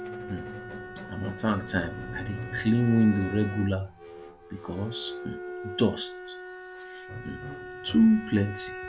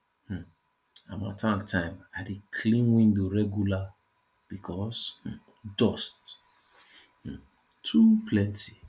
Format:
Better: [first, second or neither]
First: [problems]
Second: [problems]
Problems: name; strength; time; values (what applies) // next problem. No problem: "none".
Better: second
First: background sound (Squeak + Bowed string instrument); 10 dB below the speech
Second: none